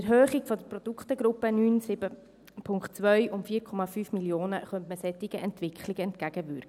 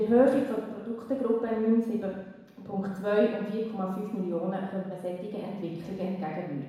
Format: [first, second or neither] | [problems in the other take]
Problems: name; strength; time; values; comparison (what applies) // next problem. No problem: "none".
first | room echo; dies away in 1.1 s